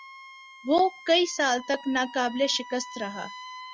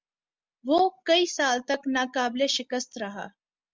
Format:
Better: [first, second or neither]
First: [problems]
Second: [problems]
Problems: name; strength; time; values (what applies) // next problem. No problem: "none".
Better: second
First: background sound (Wind instrument, woodwind instrument); 16 dB below the speech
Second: none